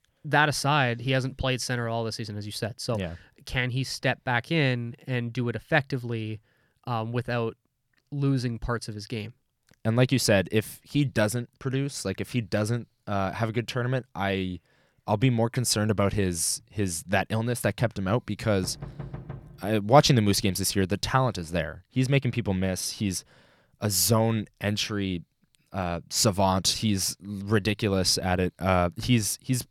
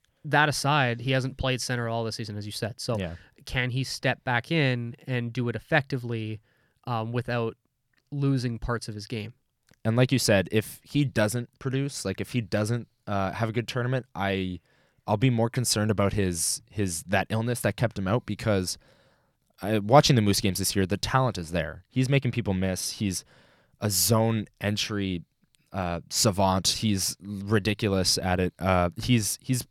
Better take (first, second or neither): second